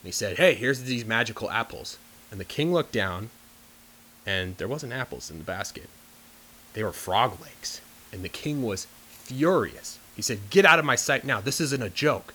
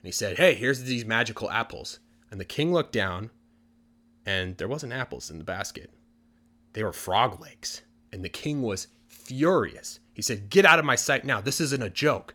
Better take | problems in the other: second | hiss; faint; throughout; 25 dB below the speech

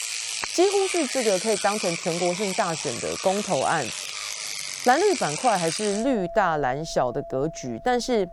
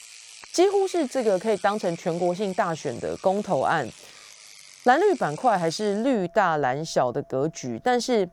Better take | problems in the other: second | household noises; loud; throughout; 5 dB below the speech; faint in the second

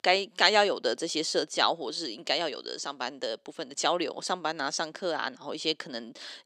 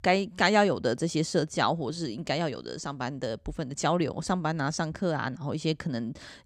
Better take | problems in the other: second | thin; somewhat; fading below 350 Hz

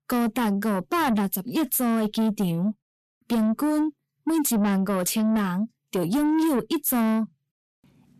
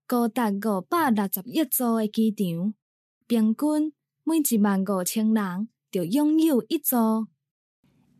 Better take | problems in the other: second | distortion; slight; 10 dB below the speech

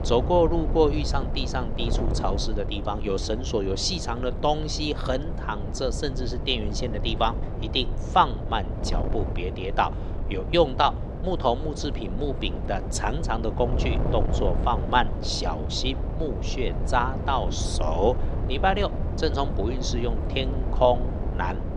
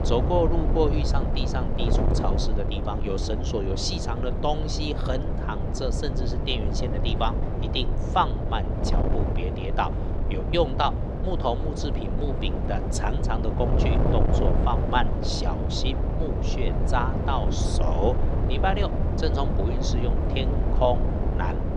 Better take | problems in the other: first | wind noise on the microphone; heavy; 5 dB below the speech; occasional gusts in the first

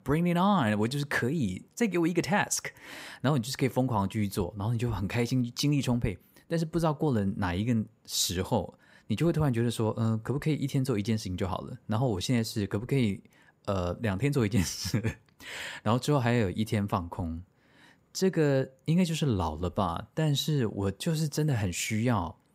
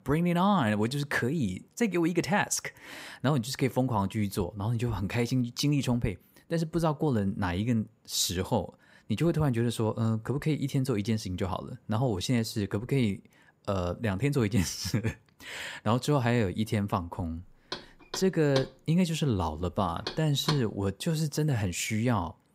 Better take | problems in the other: first | door banging; noticeable; from 18 to 21 s; peak 5 dB below the speech

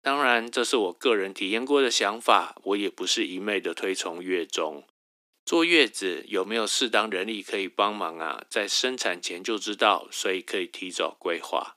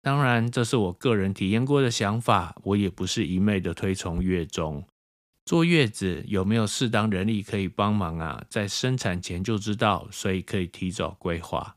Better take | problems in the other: second | thin; somewhat; fading below 300 Hz

